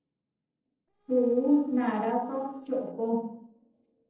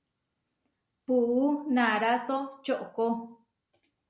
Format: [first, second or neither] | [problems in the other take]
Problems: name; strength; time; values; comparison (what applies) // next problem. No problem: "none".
second | noise reduction (neural separator model SepFormer DNS4)